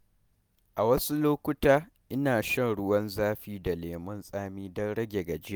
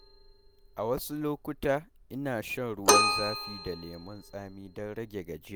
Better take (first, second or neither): first